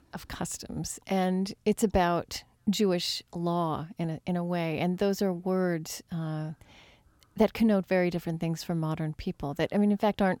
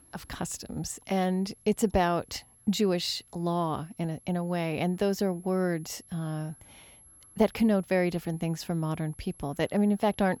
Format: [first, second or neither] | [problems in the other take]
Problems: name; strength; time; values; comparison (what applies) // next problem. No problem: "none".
first | high-pitched whine; faint; throughout; 11 kHz, 25 dB below the speech